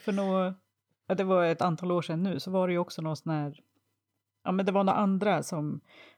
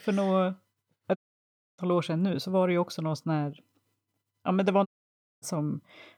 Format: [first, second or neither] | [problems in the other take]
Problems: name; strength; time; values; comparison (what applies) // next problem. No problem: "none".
first | audio cutting out; at 1 s for 0.5 s and at 5 s for 0.5 s